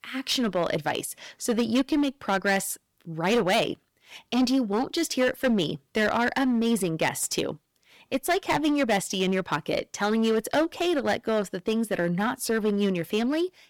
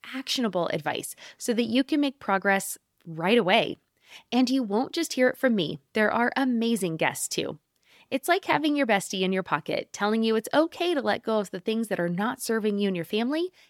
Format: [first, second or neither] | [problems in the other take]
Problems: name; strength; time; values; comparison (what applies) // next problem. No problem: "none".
second | distortion; slight; 8% of the sound clipped